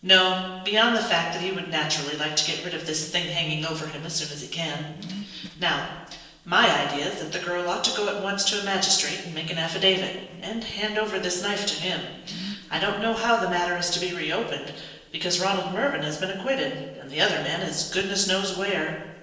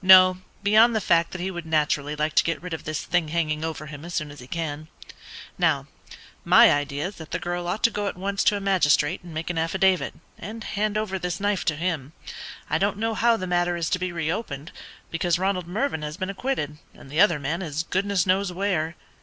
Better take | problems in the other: second | noise reduction (neural separator model SepFormer DNS4)

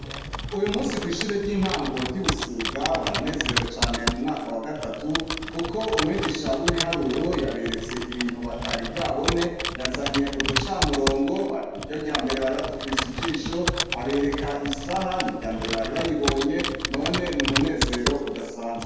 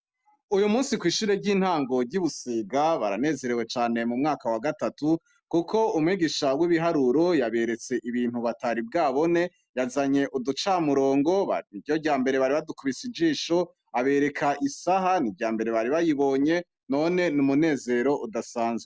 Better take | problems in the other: second | background sound (Computer keyboard); 3 dB below the speech // room echo; dies away in 1.1 s

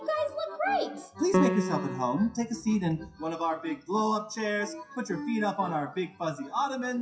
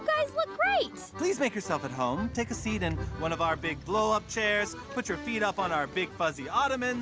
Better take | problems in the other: second | noise reduction (classical method WPE with log-MMSE)

